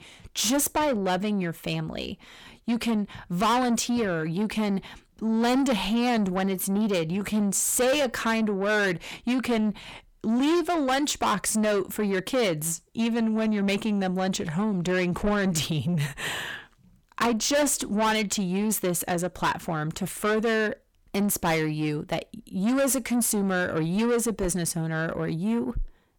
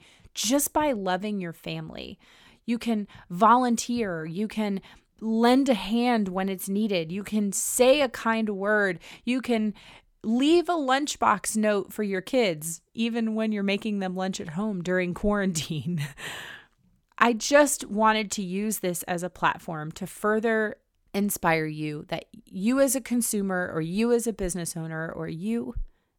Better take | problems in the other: second | distortion; heavy; 7 dB below the speech

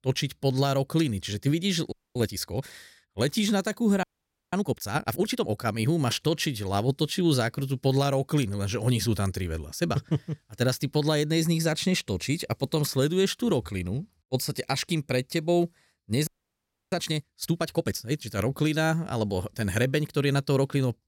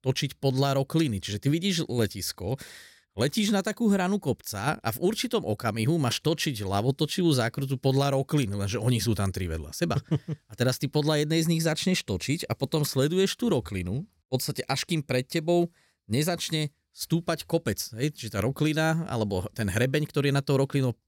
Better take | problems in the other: second | audio freezing; at 2 s, at 4 s and at 16 s for 0.5 s

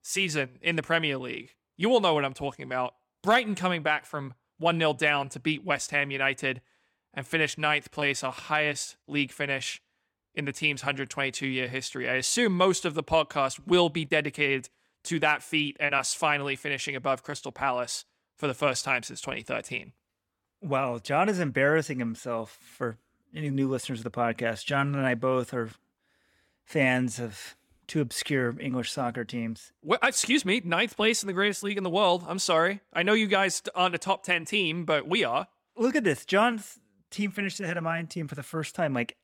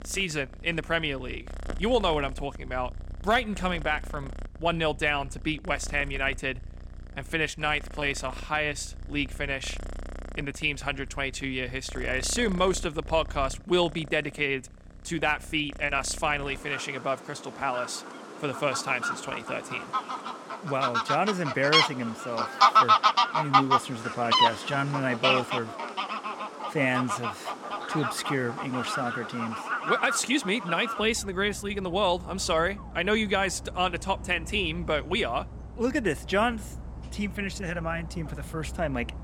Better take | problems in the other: first | animal sounds; loud; throughout; 1 dB below the speech

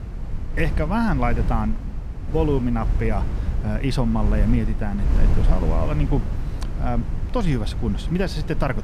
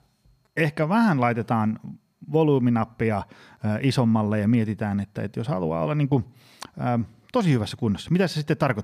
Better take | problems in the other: second | wind noise on the microphone; occasional gusts; 10 dB below the speech

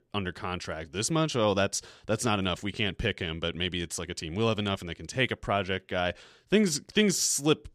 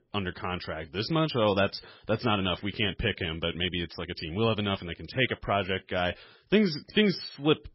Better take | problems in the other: first | garbled, watery; badly; nothing above 5.5 kHz

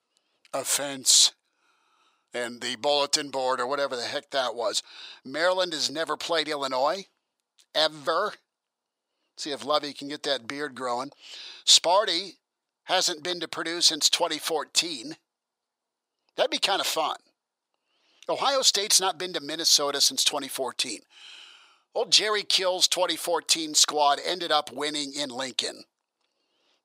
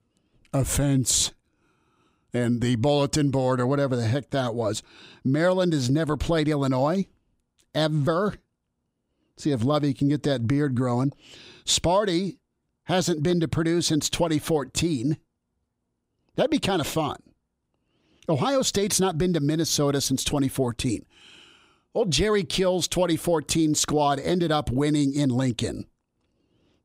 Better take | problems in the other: second | thin; very; fading below 750 Hz

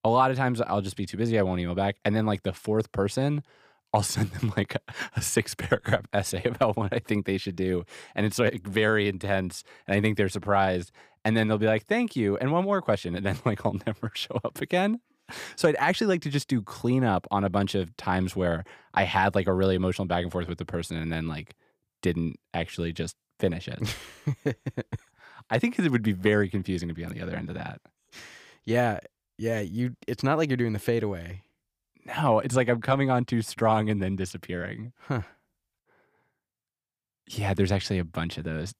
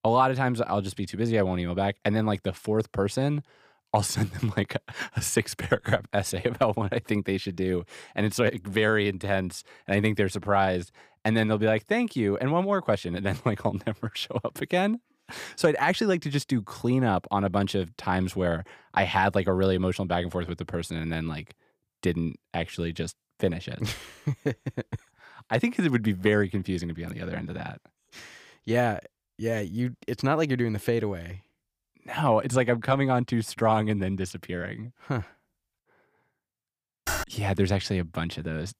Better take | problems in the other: first | keyboard typing; noticeable; at 37 s; peak 3 dB below the speech

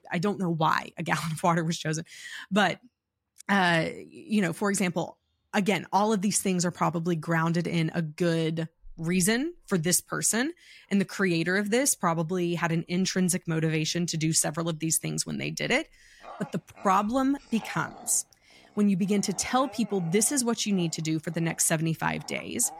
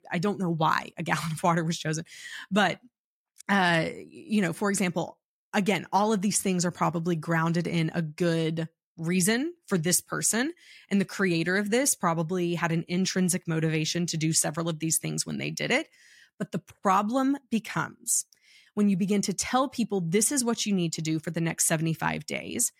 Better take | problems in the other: second | animal sounds; faint; throughout; 25 dB below the speech

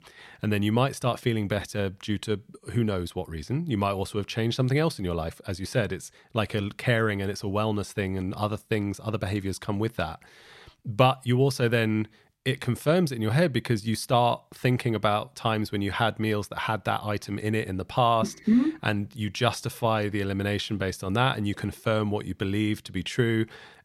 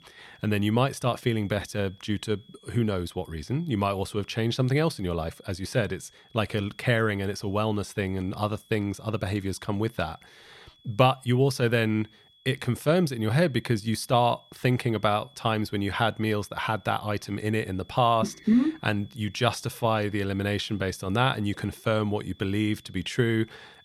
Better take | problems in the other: first | high-pitched whine; faint; throughout; 3.5 kHz, 30 dB below the speech

